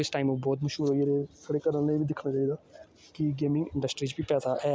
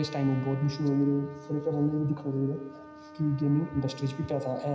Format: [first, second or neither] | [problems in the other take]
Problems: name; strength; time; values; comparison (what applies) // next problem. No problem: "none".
first | background sound (Trumpet); 18 dB below the speech // room echo; dies away in 0.9 s